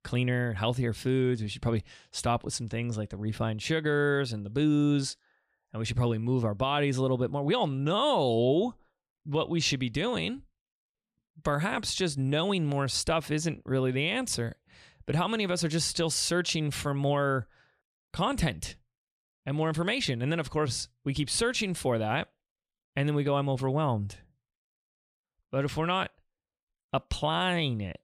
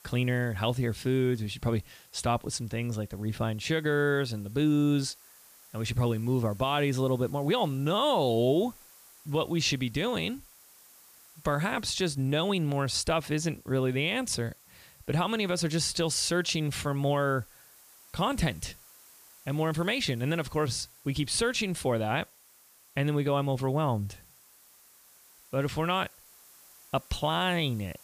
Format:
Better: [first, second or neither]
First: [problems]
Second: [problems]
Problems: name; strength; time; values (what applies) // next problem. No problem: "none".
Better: first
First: none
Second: hiss; faint; throughout; 25 dB below the speech